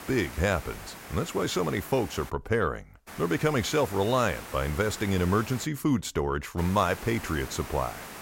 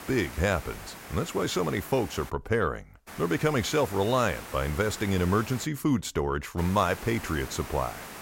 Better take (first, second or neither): neither